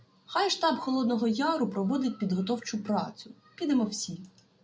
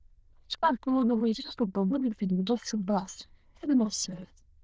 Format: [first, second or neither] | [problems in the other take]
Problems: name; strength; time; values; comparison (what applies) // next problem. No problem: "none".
first | noise reduction (neural diffusion model UNIVERSE++)